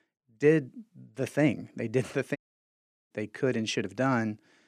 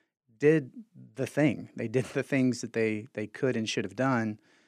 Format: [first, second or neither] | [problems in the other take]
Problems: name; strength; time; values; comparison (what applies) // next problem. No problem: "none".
second | audio cutting out; at 2.5 s for 0.5 s